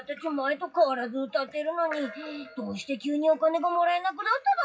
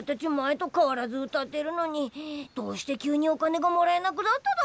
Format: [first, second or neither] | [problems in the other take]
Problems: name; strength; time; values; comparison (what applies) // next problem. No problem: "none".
second | noise reduction (classical method WPE with log-MMSE)